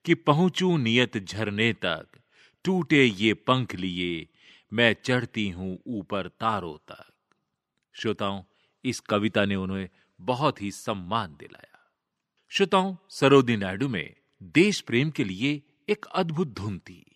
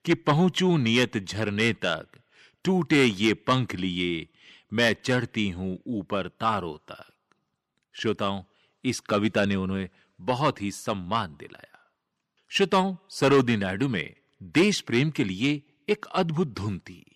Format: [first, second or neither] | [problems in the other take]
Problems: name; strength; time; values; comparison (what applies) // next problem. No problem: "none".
first | distortion; slight; 10 dB below the speech